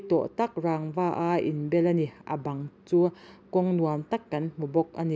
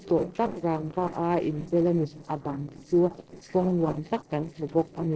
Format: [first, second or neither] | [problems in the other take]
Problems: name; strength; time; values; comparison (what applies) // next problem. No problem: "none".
first | noise reduction (neural separator model SepFormer DNS4)